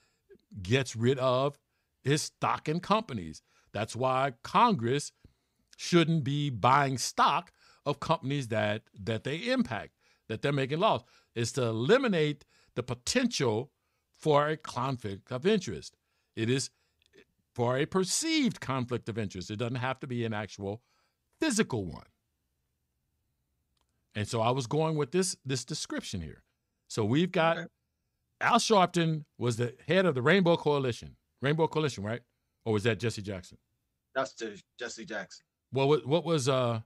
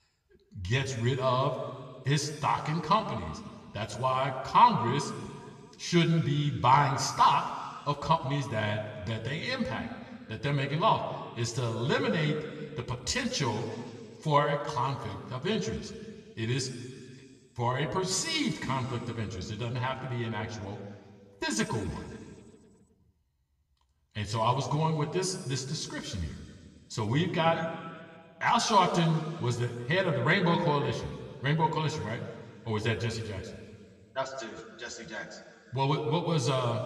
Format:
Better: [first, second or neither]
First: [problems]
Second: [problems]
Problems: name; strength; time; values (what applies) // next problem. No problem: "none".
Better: first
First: none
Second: room echo; slight; dies away in 1.9 s // off-mic speech; somewhat distant